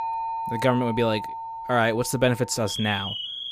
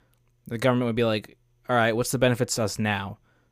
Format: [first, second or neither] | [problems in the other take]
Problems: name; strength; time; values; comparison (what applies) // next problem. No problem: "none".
second | alarms or sirens; loud; throughout; 8 dB below the speech